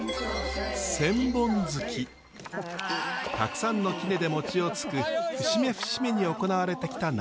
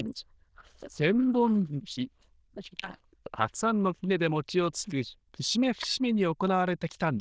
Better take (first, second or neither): first